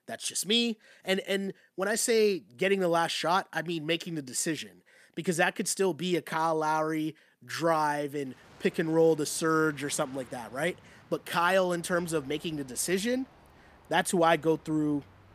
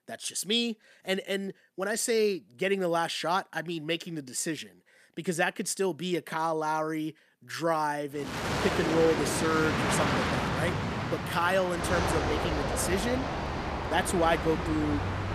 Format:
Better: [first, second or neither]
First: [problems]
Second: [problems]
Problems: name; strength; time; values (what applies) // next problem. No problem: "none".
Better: first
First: train or aircraft noise; faint; from 8.5 s on; 25 dB below the speech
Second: train or aircraft noise; loud; from 8.5 s on; 1 dB below the speech